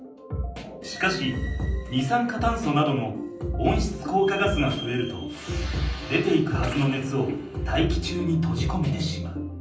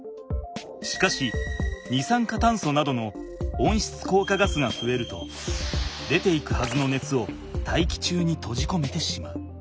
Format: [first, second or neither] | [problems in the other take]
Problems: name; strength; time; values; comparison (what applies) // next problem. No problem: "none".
second | room echo; dies away in 0.6 s